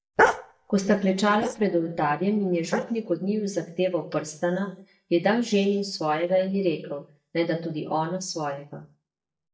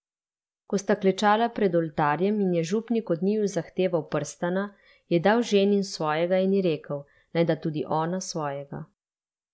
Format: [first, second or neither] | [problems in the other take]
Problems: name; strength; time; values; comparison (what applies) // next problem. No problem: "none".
second | noise reduction (neural mask model DeepFilterNet 3)